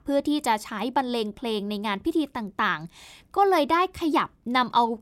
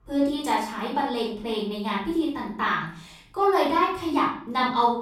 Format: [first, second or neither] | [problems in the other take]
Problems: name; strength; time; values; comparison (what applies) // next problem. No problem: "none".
first | off-mic speech; far // room echo; noticeable; dies away in 0.4 s